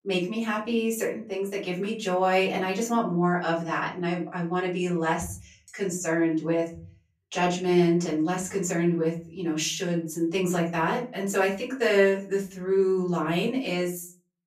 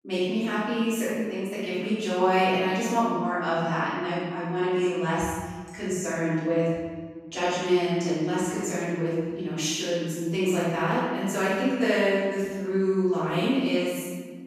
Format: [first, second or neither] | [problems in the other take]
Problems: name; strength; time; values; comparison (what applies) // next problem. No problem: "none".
first | room echo; strong; dies away in 1.4 s; slight in the first // off-mic speech; far; far in the first